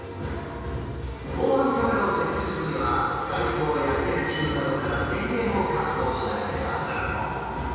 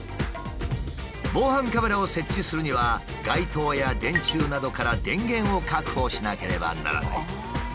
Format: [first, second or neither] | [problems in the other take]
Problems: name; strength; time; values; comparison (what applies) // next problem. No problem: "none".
second | room echo; dies away in 2.2 s